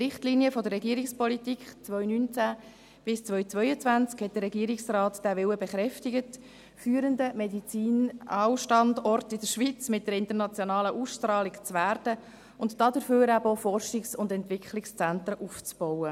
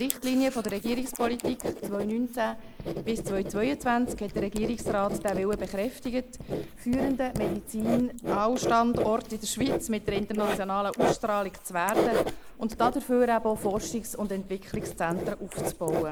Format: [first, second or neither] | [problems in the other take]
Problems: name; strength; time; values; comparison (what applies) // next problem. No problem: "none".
first | noise reduction (neural mask model Resemble Enhance denoiser)